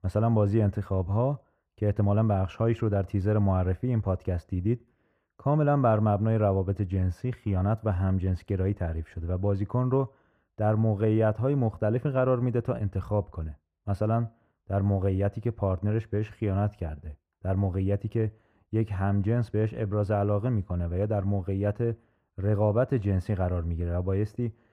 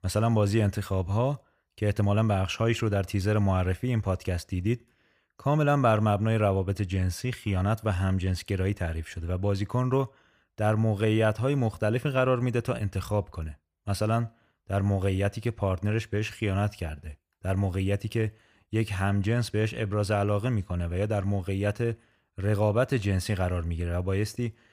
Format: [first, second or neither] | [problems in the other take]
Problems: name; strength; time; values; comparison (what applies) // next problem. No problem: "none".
second | muffled; very; fading above 2 kHz